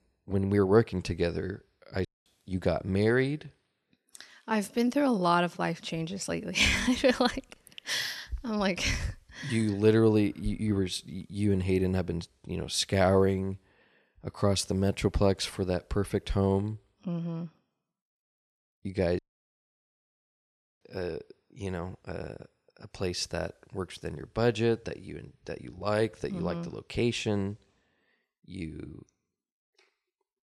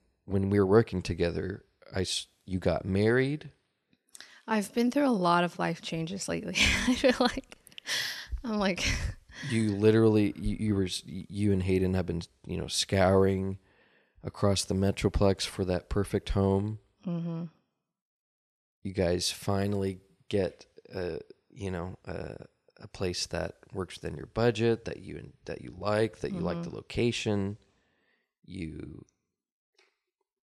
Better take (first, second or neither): second